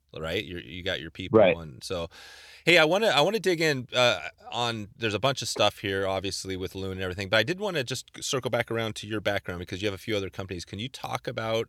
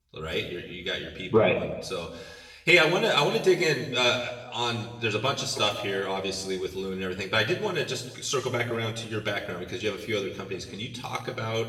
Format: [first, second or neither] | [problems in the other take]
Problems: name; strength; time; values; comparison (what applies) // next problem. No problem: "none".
first | room echo; noticeable; dies away in 0.9 s // off-mic speech; far